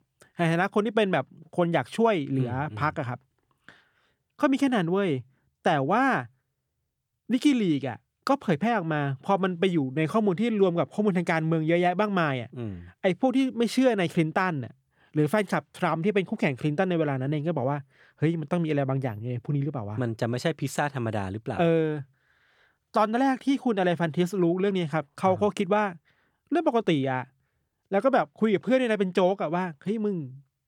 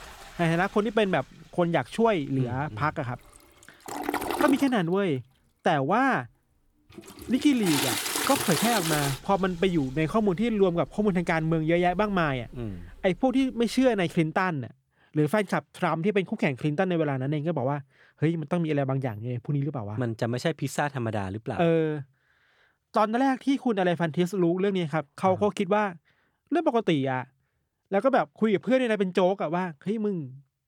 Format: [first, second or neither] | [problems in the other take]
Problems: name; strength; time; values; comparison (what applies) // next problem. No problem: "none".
first | household noises; loud; until 14 s; 3 dB below the speech